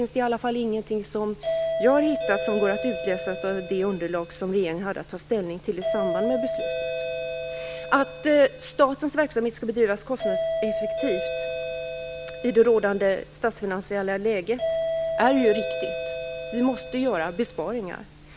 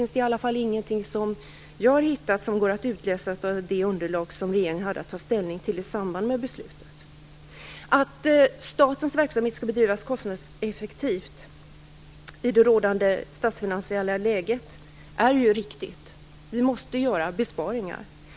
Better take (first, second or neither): second